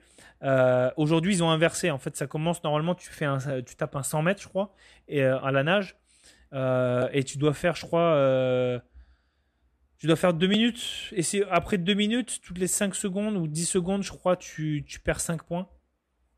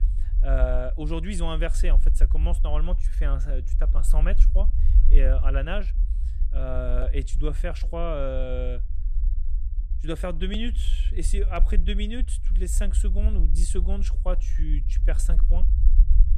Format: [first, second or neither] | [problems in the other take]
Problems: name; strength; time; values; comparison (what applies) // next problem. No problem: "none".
first | low rumble; noticeable; throughout; 15 dB below the speech